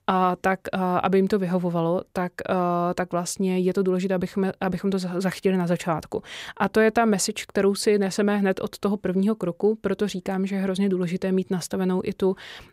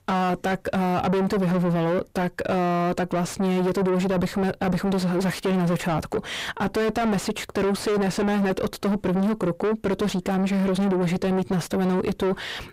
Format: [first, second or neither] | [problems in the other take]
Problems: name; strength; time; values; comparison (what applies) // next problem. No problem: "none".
first | distortion; heavy; 5 dB below the speech